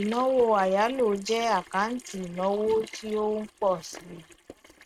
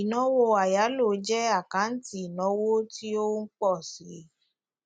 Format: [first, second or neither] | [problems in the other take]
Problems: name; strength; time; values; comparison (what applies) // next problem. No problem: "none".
second | noise reduction (neural mask model RNNoise)